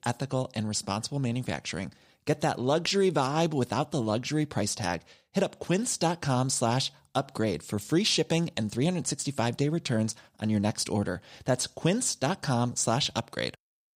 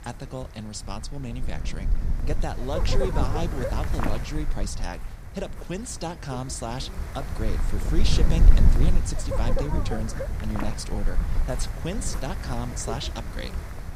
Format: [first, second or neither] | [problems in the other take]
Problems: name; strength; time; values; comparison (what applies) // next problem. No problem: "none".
first | wind noise on the microphone; heavy; 2 dB below the speech